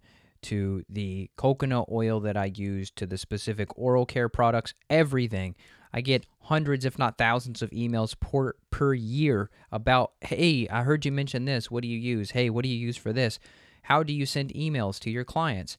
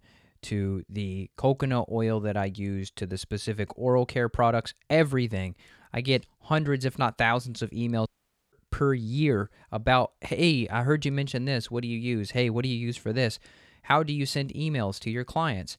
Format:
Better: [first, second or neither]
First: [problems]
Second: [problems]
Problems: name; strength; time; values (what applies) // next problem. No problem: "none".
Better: first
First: none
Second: audio cutting out; at 8 s